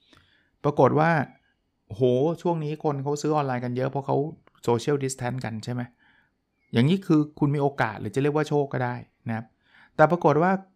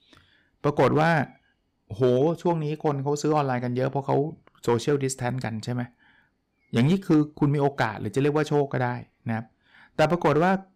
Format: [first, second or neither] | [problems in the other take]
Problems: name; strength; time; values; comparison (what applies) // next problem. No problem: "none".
first | distortion; slight; 3% of the sound clipped